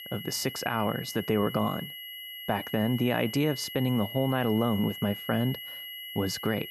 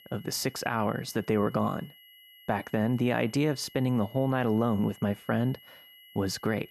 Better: second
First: high-pitched whine; loud; throughout; 3 kHz, 9 dB below the speech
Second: high-pitched whine; faint; throughout; 3 kHz, 25 dB below the speech

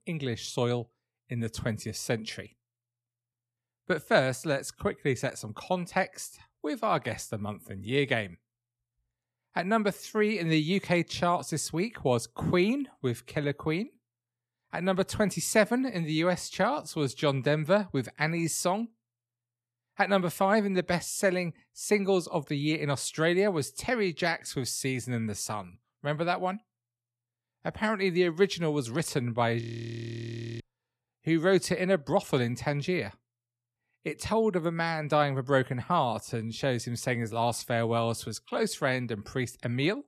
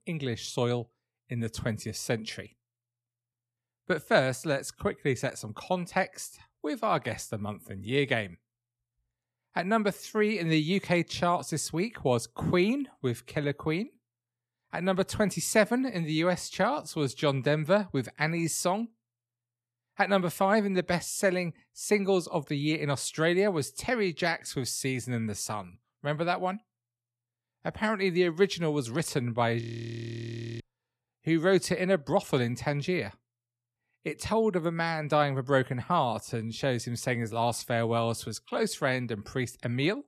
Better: neither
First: audio freezing; at 30 s for 1 s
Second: audio freezing; at 30 s for 1 s

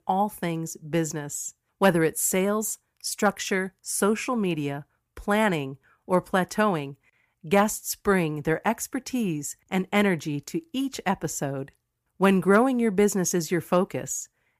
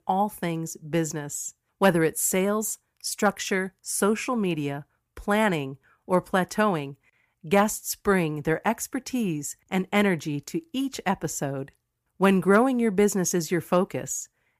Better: neither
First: none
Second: none

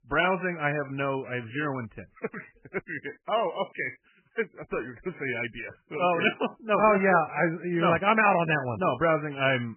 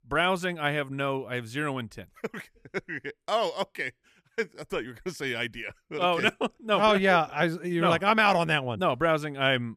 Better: second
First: garbled, watery; badly; nothing above 3 kHz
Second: none

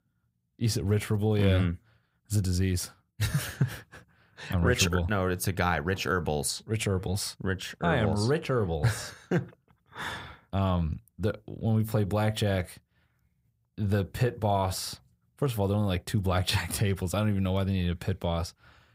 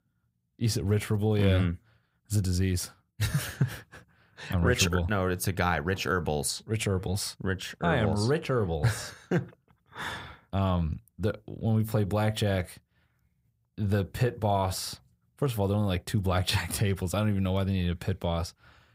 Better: neither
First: none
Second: none

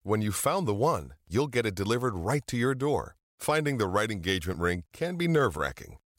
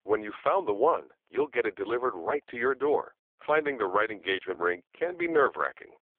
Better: first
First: none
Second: phone-call audio; poor line; nothing above 3.5 kHz

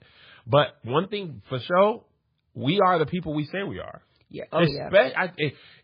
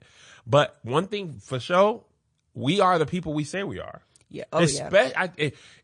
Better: second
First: garbled, watery; badly; nothing above 4.5 kHz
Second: garbled, watery; slightly; nothing above 9 kHz

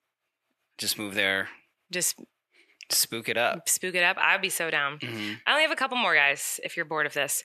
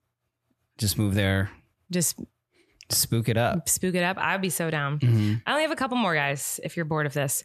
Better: second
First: thin; very; fading below 400 Hz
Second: none

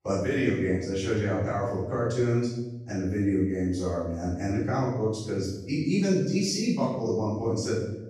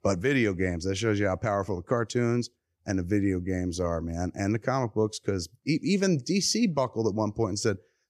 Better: second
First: off-mic speech; far // room echo; strong; dies away in 0.9 s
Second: none

